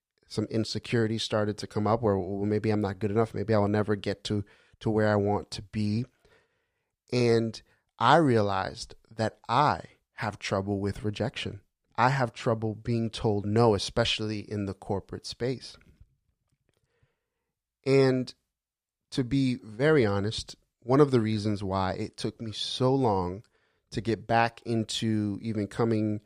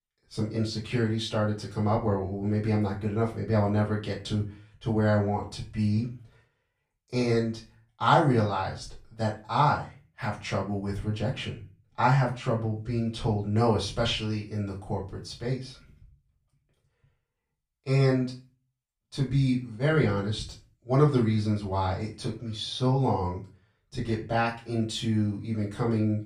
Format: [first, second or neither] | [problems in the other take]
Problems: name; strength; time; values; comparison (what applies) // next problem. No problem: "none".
first | off-mic speech; far // room echo; slight; dies away in 0.3 s